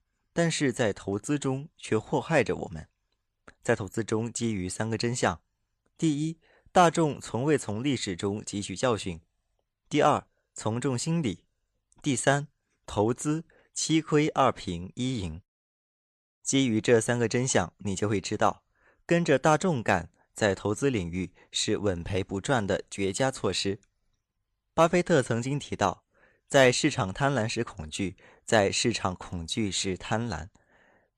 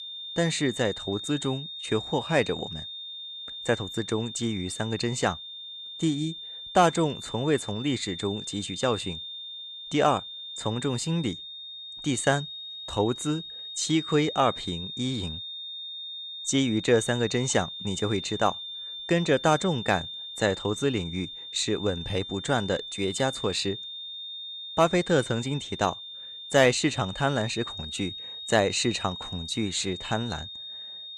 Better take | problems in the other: first | high-pitched whine; loud; throughout; 3.5 kHz, 9 dB below the speech

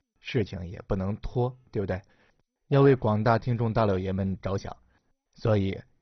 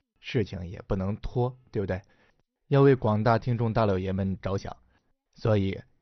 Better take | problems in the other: second | garbled, watery; badly; nothing above 6 kHz; slightly in the second

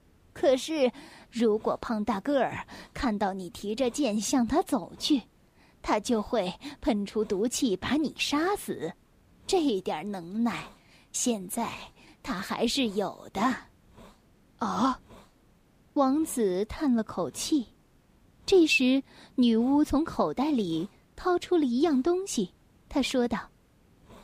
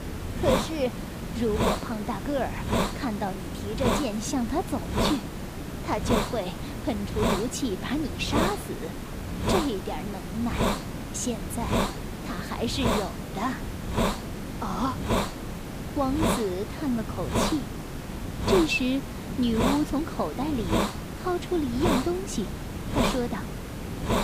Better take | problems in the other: first | hiss; loud; throughout; as loud as the speech; faint in the first

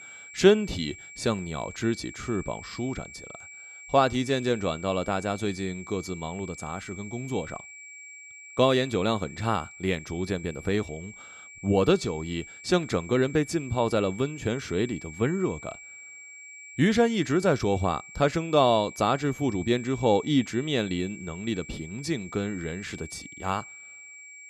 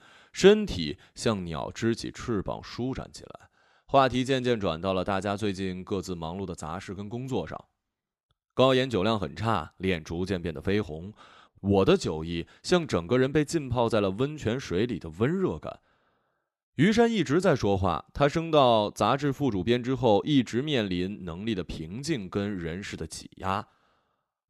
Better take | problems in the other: second | high-pitched whine; noticeable; throughout; 2.5 kHz, 15 dB below the speech

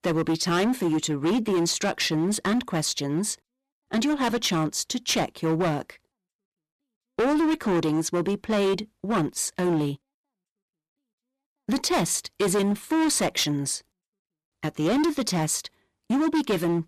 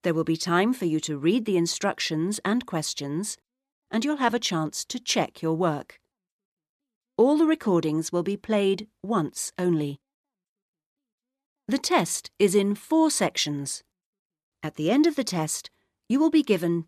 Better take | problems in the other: second | distortion; heavy; 15% of the sound clipped

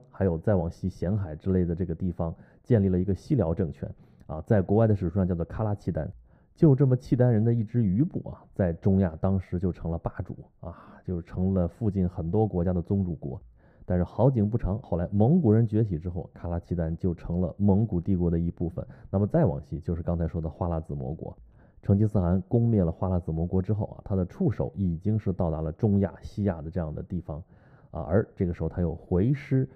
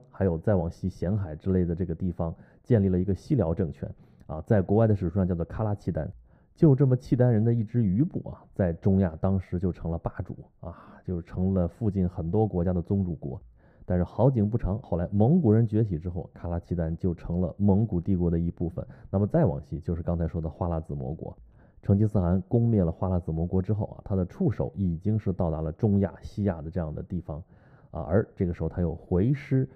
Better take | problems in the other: neither | muffled; very; fading above 1.5 kHz; the same in both

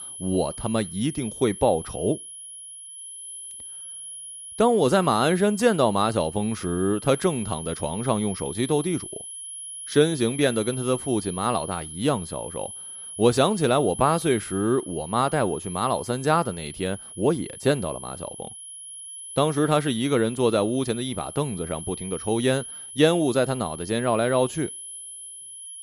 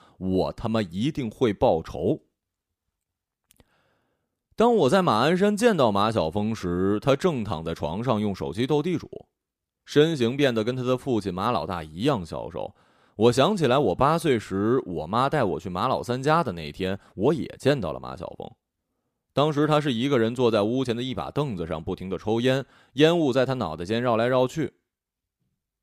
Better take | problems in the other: second | high-pitched whine; noticeable; throughout; 10.5 kHz, 10 dB below the speech

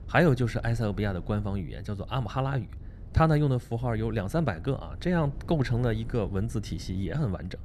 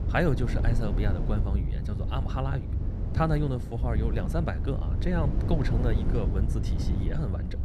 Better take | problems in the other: first | low rumble; loud; throughout; 7 dB below the speech; faint in the first

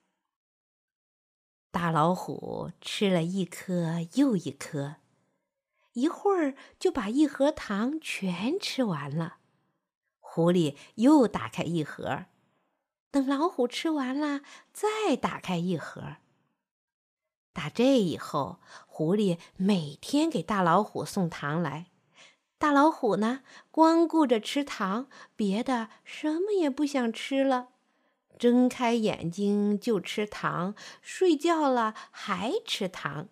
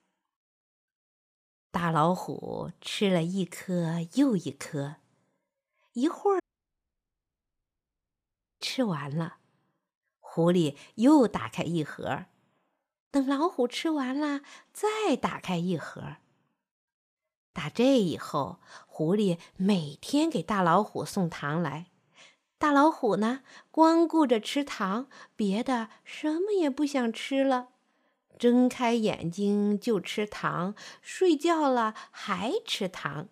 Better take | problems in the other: first | audio cutting out; at 6.5 s for 2 s

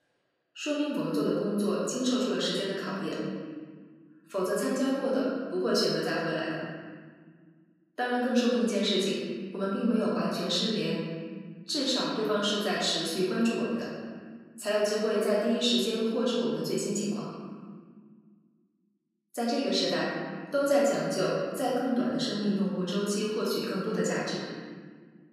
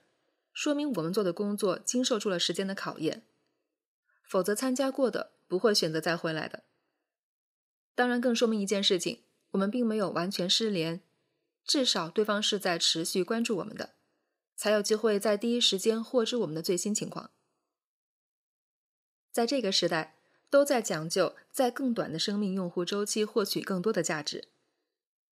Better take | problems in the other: second | room echo; noticeable; dies away in 1.7 s // off-mic speech; far

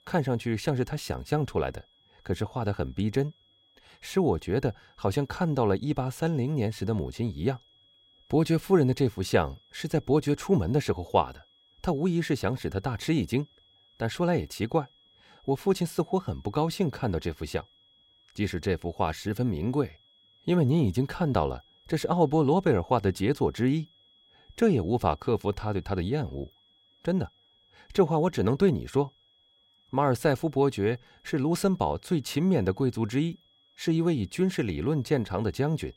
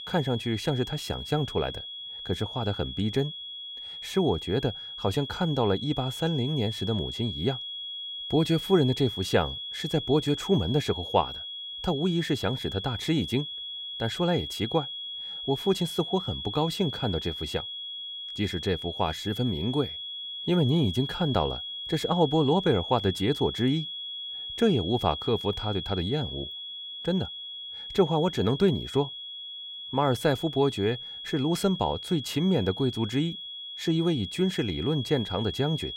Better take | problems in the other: first | high-pitched whine; loud; throughout; 3.5 kHz, 7 dB below the speech; faint in the first

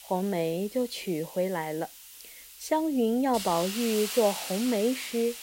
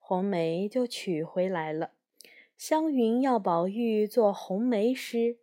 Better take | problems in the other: second | hiss; loud; throughout; 10 dB below the speech

